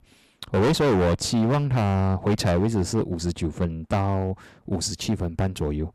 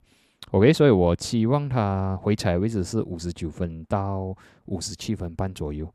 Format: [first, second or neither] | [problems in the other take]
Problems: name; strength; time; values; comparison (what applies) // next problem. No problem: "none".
second | distortion; heavy; 13% of the sound clipped